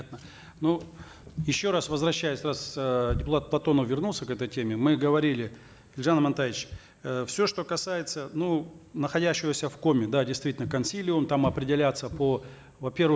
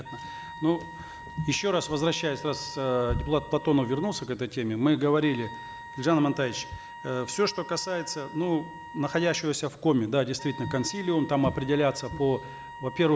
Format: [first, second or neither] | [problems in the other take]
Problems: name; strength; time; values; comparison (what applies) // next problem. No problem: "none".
first | background sound (Wind instrument, woodwind instrument); 15 dB below the speech